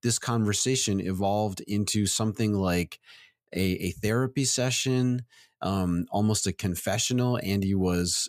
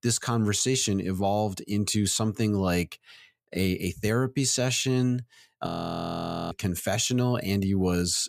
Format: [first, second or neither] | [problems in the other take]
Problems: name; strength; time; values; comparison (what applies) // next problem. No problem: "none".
first | audio freezing; at 5.5 s for 1 s